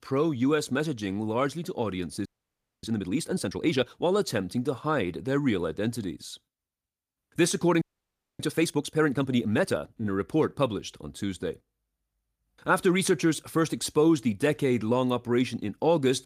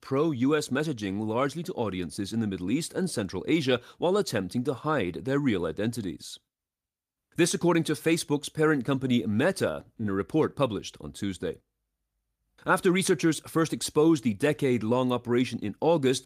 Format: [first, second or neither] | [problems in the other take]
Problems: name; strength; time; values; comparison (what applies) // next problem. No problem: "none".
second | audio freezing; at 2.5 s for 0.5 s and at 8 s for 0.5 s